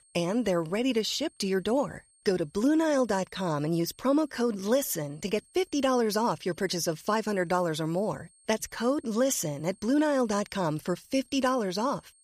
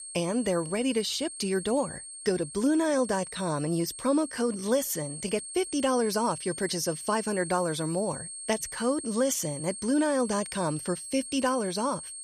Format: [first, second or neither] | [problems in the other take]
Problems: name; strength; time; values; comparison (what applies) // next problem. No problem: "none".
first | high-pitched whine; loud; throughout; 8.5 kHz, 9 dB below the speech; faint in the first